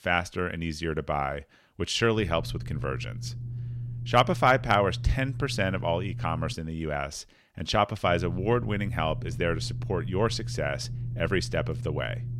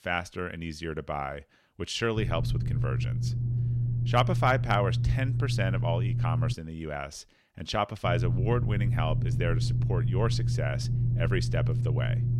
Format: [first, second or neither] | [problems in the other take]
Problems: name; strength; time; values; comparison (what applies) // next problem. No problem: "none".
first | low rumble; loud; from 2 to 6.5 s and from 8 s on; 9 dB below the speech; faint in the first